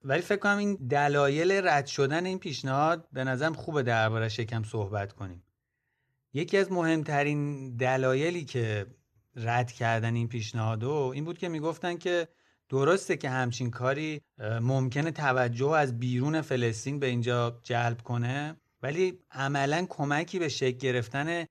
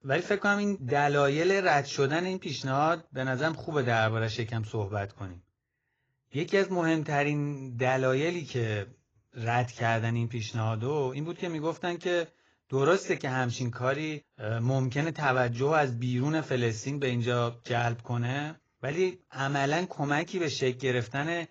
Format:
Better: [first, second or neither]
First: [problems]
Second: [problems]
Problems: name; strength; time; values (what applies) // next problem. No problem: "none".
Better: first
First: none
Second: garbled, watery; badly; nothing above 6.5 kHz